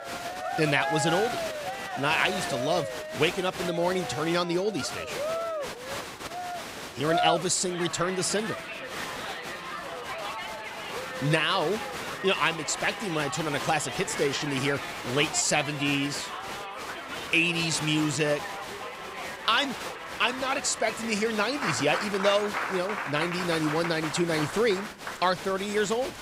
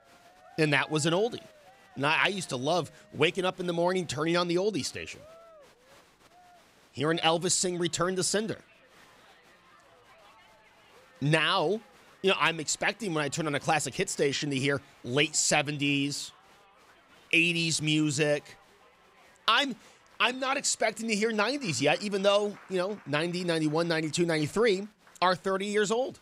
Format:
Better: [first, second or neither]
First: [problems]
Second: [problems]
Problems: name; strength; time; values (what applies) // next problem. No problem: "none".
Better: second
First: crowd noise; loud; throughout; 6 dB below the speech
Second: crowd noise; faint; throughout; 30 dB below the speech